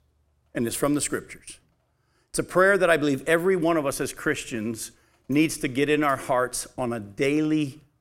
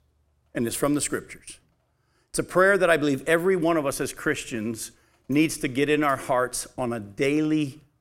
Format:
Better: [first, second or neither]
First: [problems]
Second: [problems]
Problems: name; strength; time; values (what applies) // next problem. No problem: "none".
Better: neither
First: none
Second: none